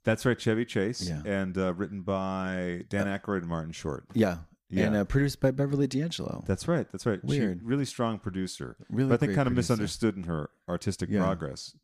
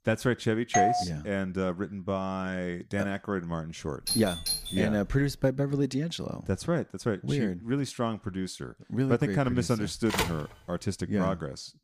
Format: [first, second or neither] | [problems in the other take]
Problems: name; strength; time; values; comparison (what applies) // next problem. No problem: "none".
first | doorbell; loud; at 0.5 s and from 4 to 5 s; peak 5 dB above the speech // phone ringing; noticeable; at 10 s; peak level with the speech